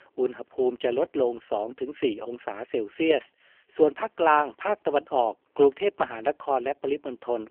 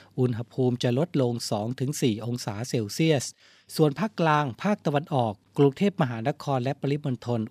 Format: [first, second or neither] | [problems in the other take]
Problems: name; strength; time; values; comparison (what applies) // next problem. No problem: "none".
second | phone-call audio; poor line; nothing above 3 kHz